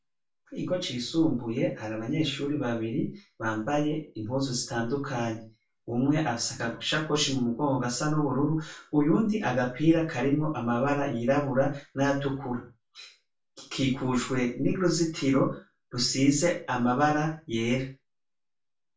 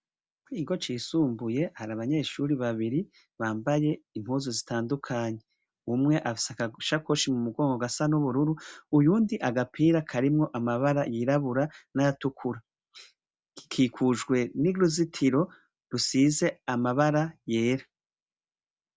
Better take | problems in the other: second | room echo; dies away in 0.3 s

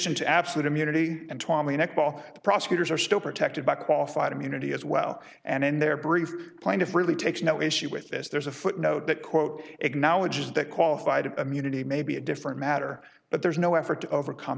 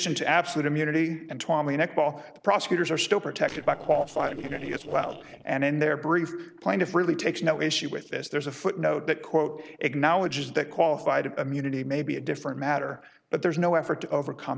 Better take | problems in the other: first | noise reduction (neural separator model SepFormer DNS4)

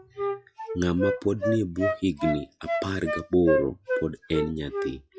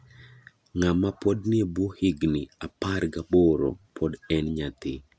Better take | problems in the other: second | noise reduction (classical method log-MMSE)

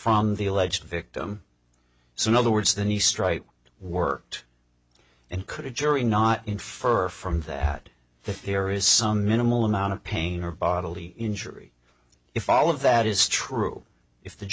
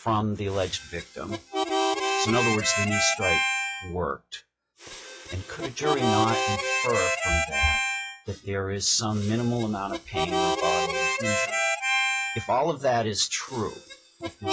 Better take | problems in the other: first | noise reduction (classical method log-MMSE)

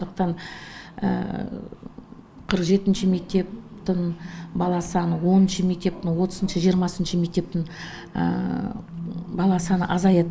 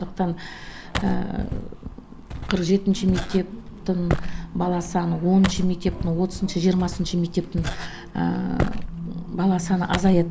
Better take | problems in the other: first | background sound (Walk, footsteps); 7 dB below the speech

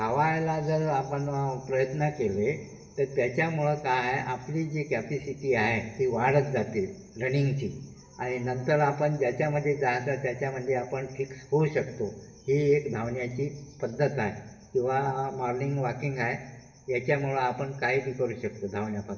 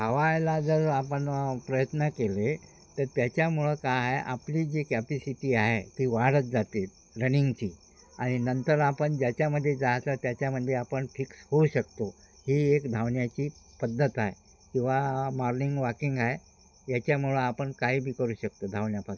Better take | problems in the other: second | room echo; dies away in 0.9 s

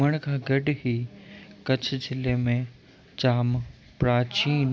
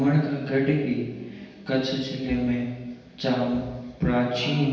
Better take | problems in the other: first | room echo; dies away in 1.2 s

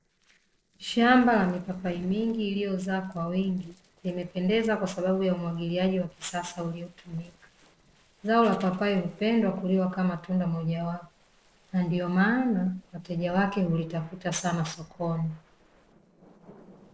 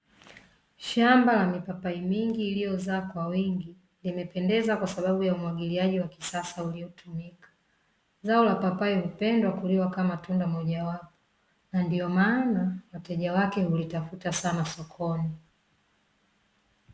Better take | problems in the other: second | noise reduction (neural separator model SepFormer DNS4)

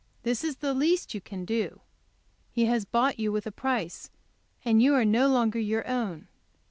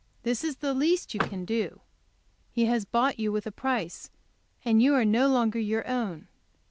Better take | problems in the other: first | background sound (Vehicle); 9 dB below the speech

